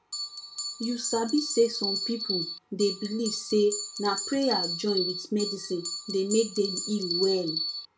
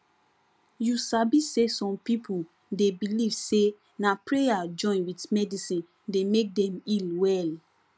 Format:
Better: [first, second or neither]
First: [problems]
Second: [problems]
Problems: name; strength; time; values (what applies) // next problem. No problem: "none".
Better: second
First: background sound (Bell); 5 dB below the speech // room echo; dies away in 0.2 s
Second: none